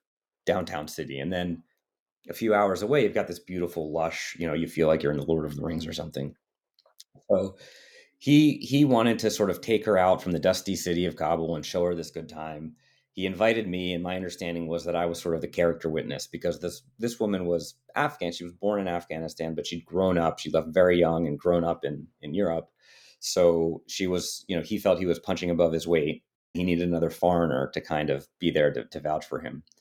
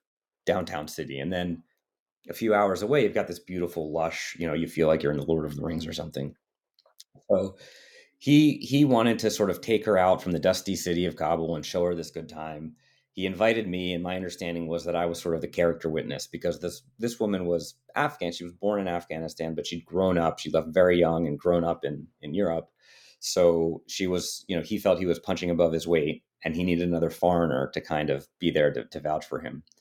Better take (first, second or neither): second